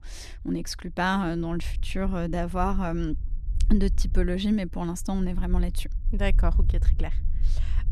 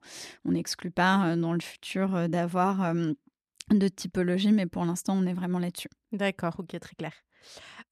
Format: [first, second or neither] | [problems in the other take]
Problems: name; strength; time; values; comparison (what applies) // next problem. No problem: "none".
second | low rumble; faint; throughout; 20 dB below the speech